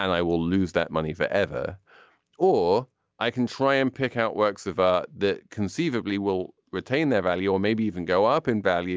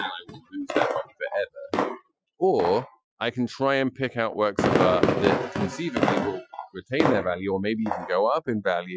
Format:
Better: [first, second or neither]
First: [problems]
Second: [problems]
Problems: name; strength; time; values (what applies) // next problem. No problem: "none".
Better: first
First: none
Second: noise reduction (classical method Wiener filter)